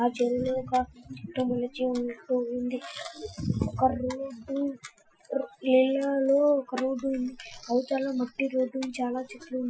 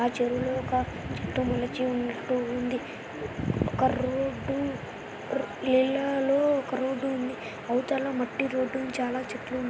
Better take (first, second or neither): second